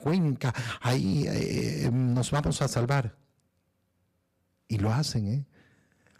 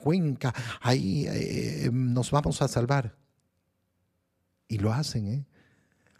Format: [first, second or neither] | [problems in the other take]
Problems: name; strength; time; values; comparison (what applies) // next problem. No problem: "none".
second | distortion; slight; 6% of the sound clipped